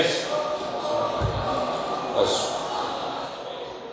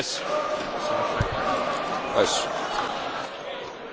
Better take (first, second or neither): second